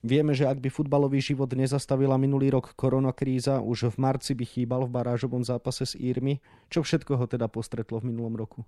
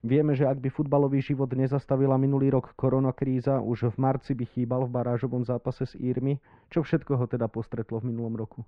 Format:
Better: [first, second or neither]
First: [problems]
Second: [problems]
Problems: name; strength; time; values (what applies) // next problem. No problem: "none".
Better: first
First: none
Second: muffled; very; fading above 1.5 kHz